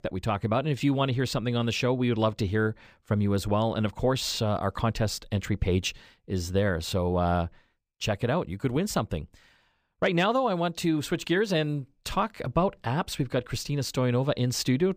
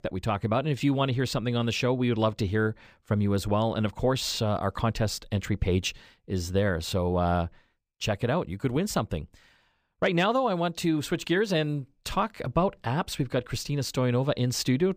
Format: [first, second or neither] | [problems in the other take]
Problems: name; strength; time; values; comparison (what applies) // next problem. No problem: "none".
neither | none